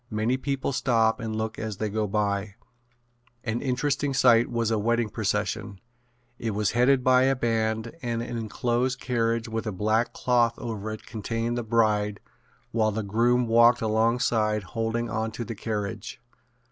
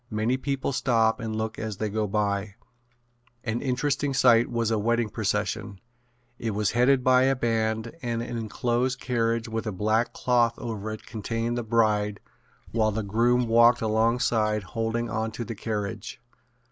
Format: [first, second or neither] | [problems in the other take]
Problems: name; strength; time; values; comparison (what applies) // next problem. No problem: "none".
first | background sound (Bird); 15 dB below the speech